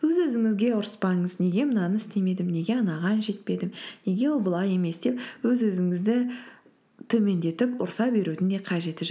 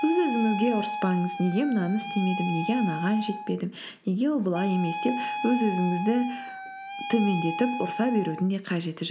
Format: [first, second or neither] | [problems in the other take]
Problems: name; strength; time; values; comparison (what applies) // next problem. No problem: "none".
first | background sound (Wind instrument, woodwind instrument); 8 dB below the speech